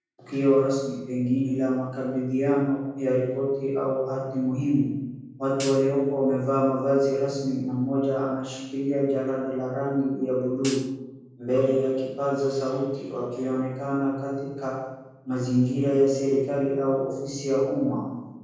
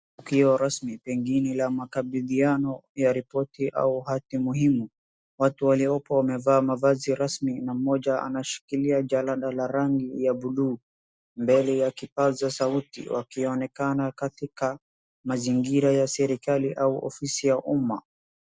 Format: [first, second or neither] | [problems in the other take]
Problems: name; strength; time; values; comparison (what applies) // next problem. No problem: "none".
second | background sound (Hi-hat); 15 dB below the speech // room echo; dies away in 1.3 s